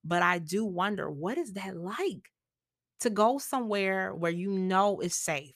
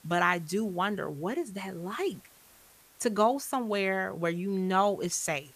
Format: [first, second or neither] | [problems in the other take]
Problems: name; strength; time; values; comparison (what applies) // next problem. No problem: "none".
first | hiss; faint; throughout; 25 dB below the speech